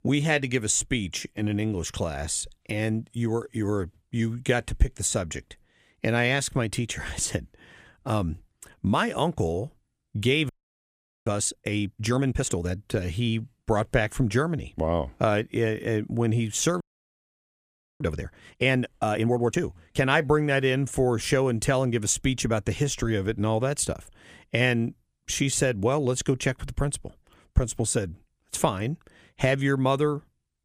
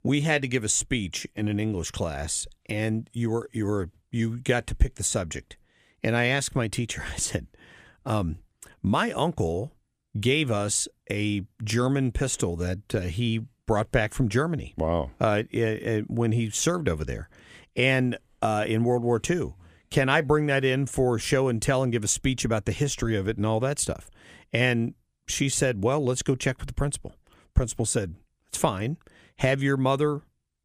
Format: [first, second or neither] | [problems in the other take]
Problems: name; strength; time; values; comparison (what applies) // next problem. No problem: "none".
second | audio freezing; at 10 s for 1 s and at 17 s for 1 s